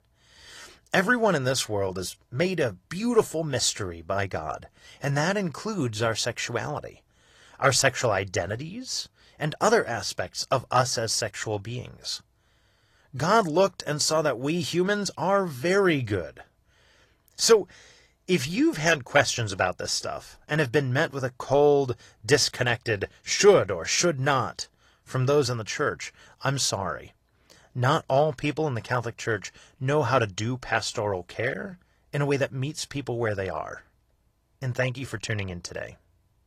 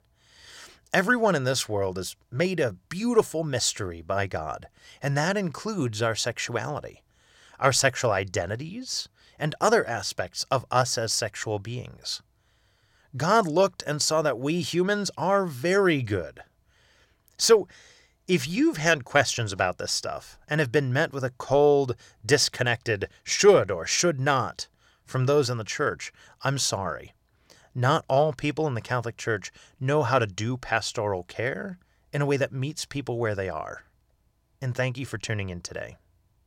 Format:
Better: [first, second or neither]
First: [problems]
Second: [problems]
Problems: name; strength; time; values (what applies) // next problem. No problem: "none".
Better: second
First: garbled, watery; slightly; nothing above 14.5 kHz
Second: none